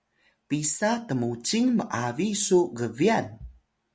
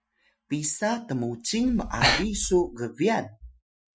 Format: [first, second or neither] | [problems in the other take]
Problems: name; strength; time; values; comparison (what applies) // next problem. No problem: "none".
first | noise reduction (classical method Wiener filter)